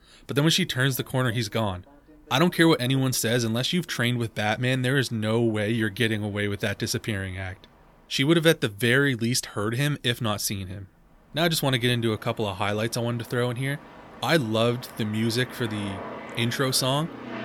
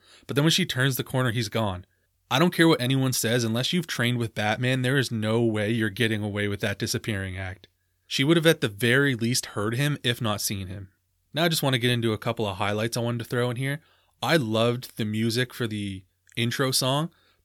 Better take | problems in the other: second | train or aircraft noise; faint; throughout; 20 dB below the speech

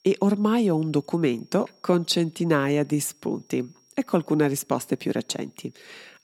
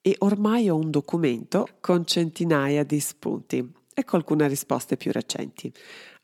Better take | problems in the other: second | high-pitched whine; faint; throughout; 5.5 kHz, 35 dB below the speech

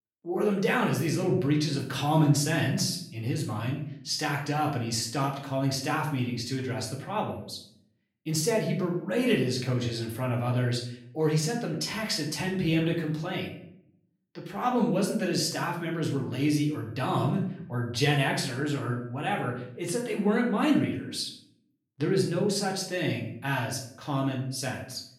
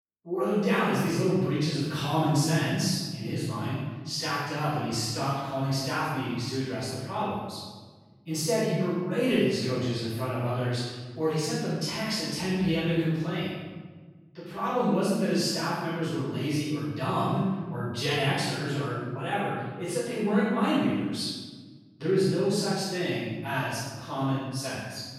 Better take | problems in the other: first | room echo; strong; dies away in 1.3 s; slight in the first // off-mic speech; far; far in the first

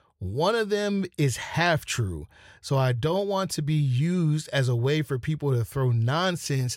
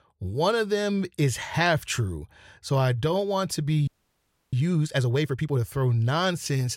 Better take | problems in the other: first | audio freezing; at 4 s for 0.5 s

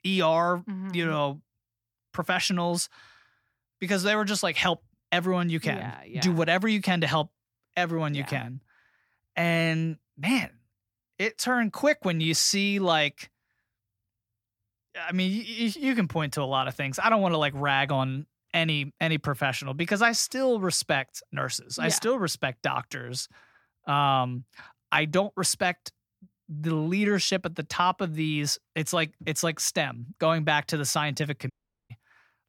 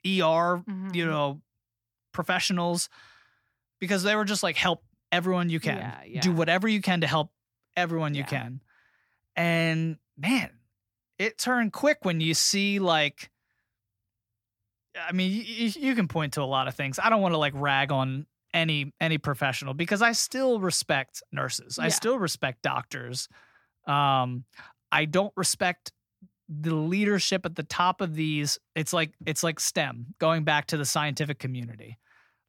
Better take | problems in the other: second | audio cutting out; at 32 s

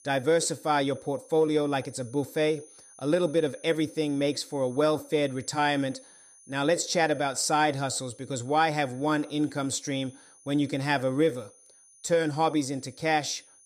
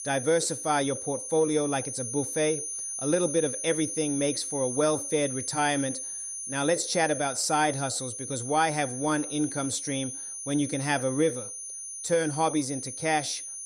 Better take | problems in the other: first | high-pitched whine; loud; throughout; 9.5 kHz, 5 dB below the speech; faint in the first

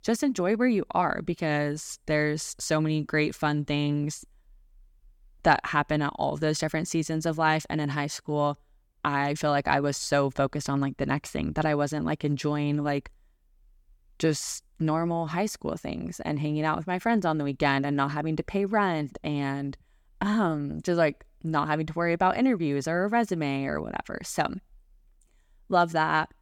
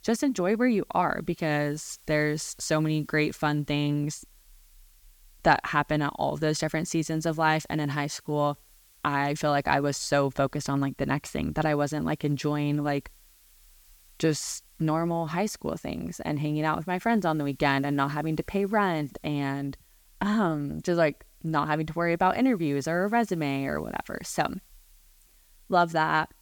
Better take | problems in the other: first | hiss; faint; throughout; 30 dB below the speech

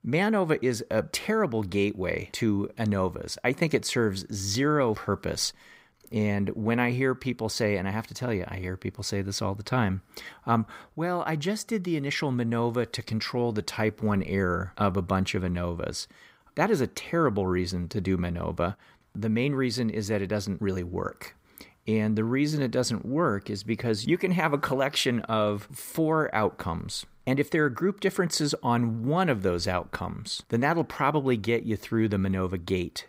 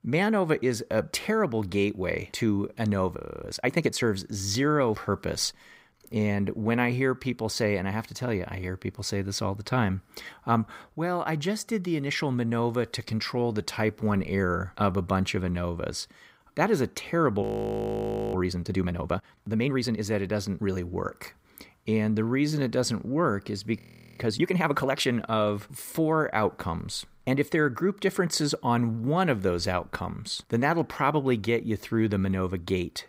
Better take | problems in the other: first | audio freezing; at 3 s, at 17 s for 1 s and at 24 s

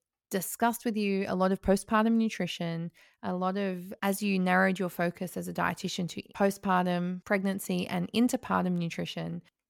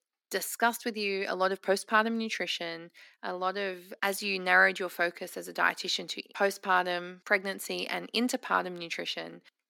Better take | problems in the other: first | thin; somewhat; fading below 250 Hz

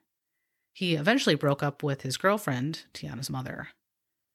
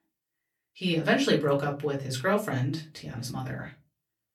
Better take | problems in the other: first | off-mic speech; far // room echo; very slight; dies away in 0.2 s

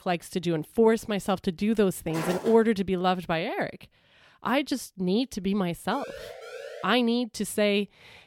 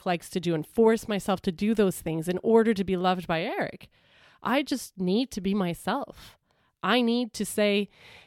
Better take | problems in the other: second | footsteps; noticeable; at 2 s; peak 7 dB below the speech // siren; faint; from 6 to 7 s; peak 15 dB below the speech

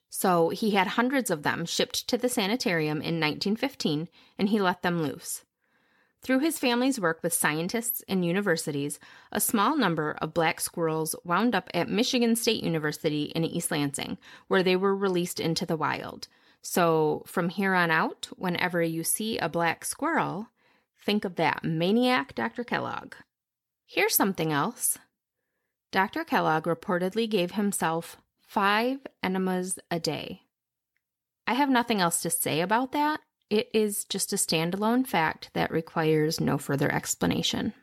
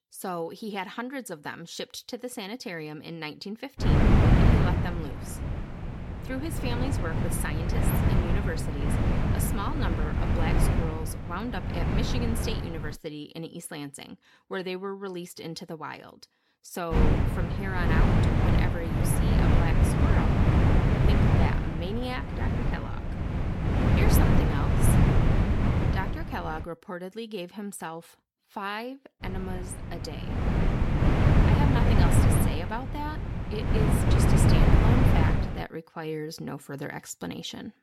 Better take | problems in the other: first | wind noise on the microphone; heavy; from 4 to 13 s, from 17 to 27 s and from 29 to 36 s; 4 dB above the speech

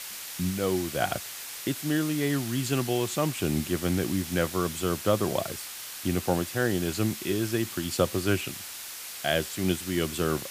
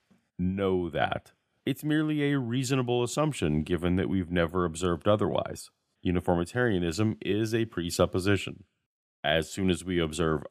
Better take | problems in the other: second | hiss; loud; throughout; 7 dB below the speech

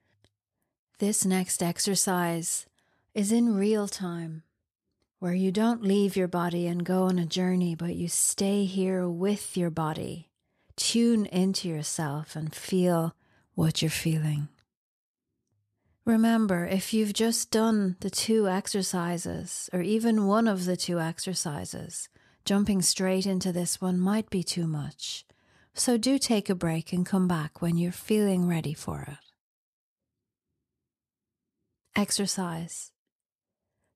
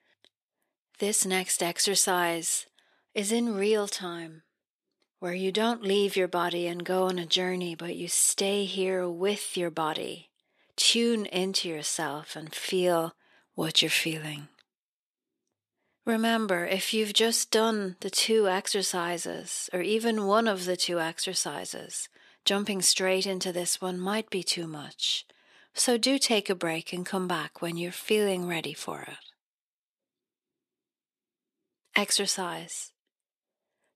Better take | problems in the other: first | thin; somewhat; fading below 350 Hz

